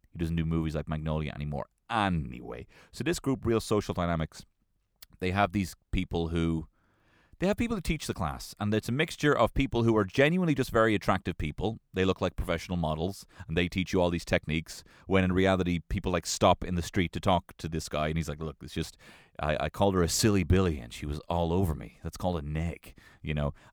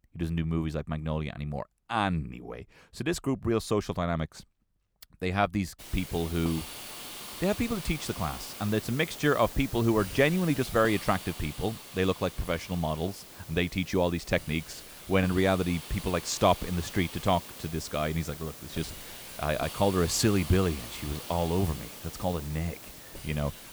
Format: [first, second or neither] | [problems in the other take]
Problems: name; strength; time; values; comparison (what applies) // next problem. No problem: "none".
first | hiss; noticeable; from 6 s on; 10 dB below the speech